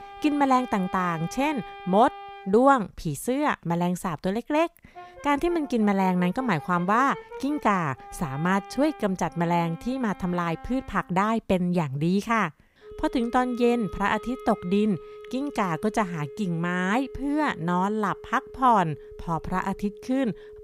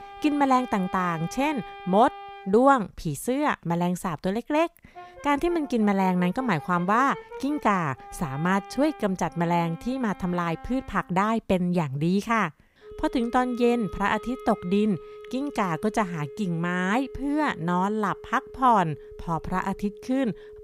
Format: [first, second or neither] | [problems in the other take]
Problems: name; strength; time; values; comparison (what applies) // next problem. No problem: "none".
neither | background music; noticeable; throughout; 15 dB below the speech; the same in both